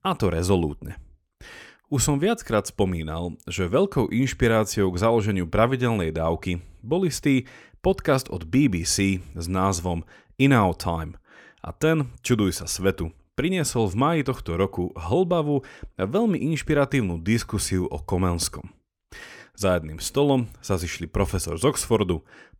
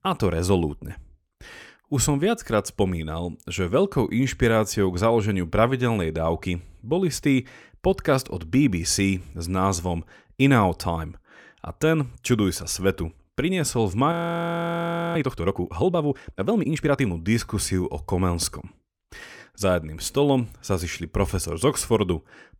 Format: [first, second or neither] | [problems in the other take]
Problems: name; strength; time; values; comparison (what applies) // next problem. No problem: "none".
first | audio freezing; at 14 s for 1 s